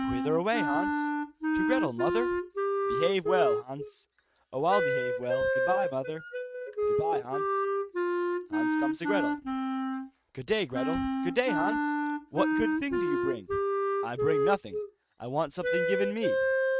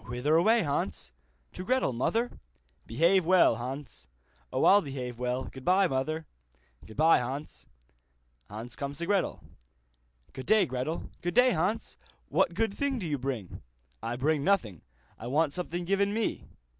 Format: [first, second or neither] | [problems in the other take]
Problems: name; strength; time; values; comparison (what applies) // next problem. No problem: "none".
second | noise reduction (neural mask model RNNoise)